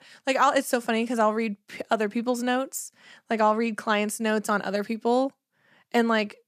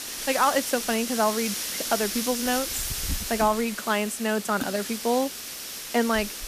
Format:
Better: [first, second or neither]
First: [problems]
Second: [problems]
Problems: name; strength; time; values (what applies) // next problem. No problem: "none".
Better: first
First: none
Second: hiss; loud; throughout; 4 dB below the speech